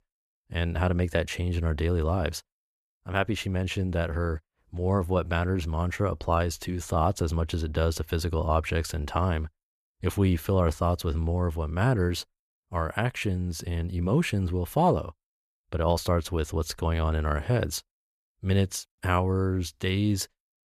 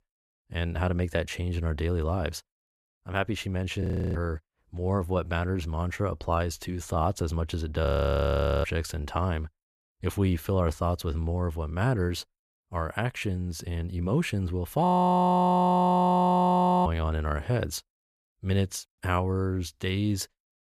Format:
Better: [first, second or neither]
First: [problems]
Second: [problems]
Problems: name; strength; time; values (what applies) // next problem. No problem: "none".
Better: first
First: none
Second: audio freezing; at 4 s, at 8 s for 1 s and at 15 s for 2 s